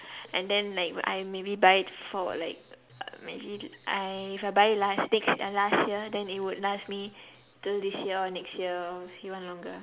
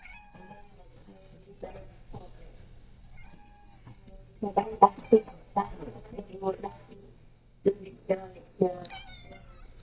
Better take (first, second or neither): first